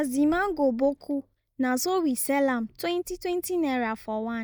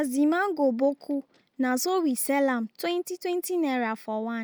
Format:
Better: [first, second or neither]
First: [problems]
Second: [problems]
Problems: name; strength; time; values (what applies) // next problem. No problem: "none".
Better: second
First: noise reduction (neural mask model DeepFilterNet 3)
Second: none